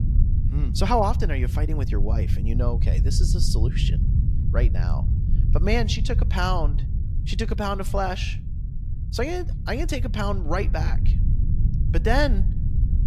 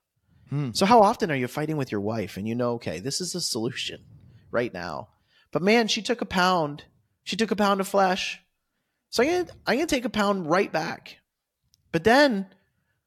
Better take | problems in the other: second | low rumble; noticeable; throughout; 10 dB below the speech

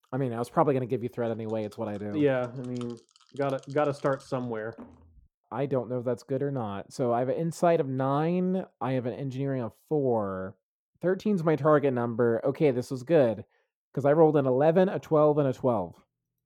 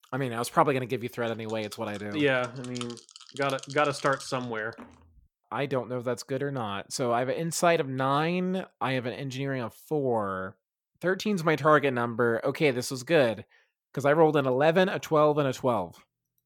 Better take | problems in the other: second | muffled; slightly; fading above 1 kHz

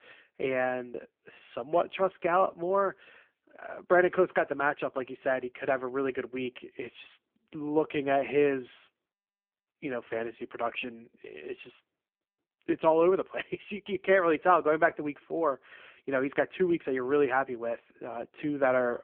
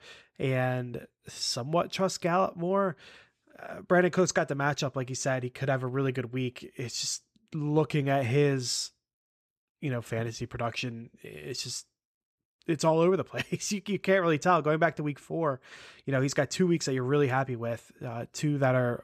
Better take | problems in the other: second | phone-call audio; poor line

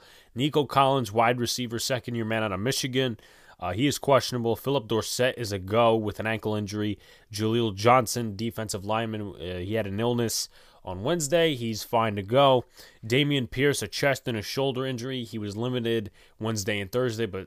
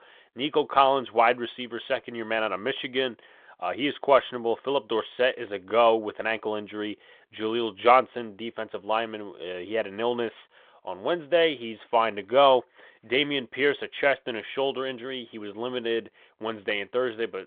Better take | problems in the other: first | phone-call audio; nothing above 3.5 kHz

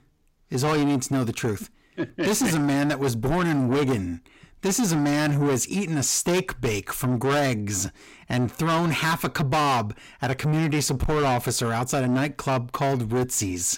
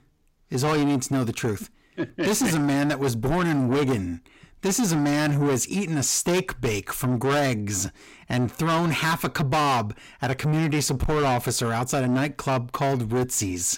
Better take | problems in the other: neither | distortion; heavy; 6 dB below the speech; the same in both

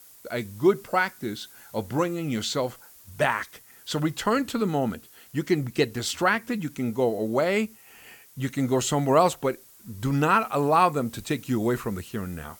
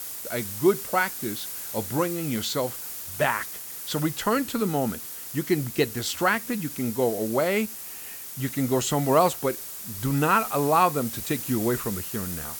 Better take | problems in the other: first | hiss; loud; throughout; 7 dB below the speech; faint in the first

